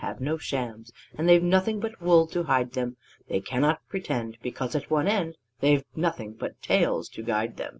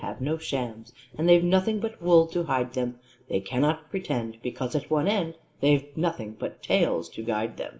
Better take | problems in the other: first | room echo; dies away in 0.5 s

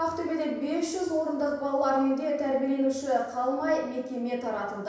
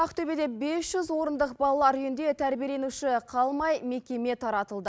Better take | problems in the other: second | room echo; dies away in 0.9 s

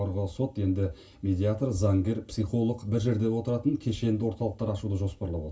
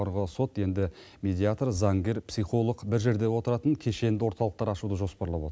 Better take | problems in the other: second | room echo; dies away in 0.2 s

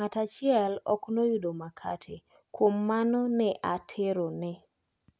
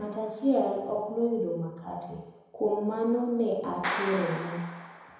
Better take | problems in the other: first | background sound (Clapping); 11 dB below the speech // room echo; dies away in 1 s

